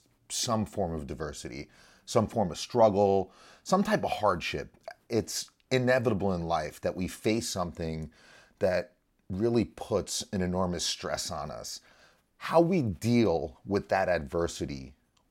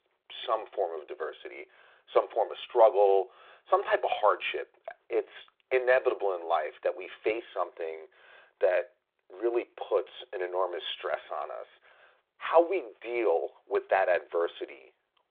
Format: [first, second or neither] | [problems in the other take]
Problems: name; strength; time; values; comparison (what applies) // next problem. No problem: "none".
first | phone-call audio; nothing above 3.5 kHz